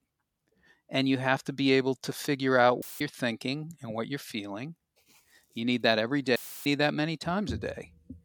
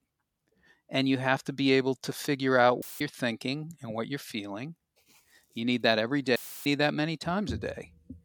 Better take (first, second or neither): neither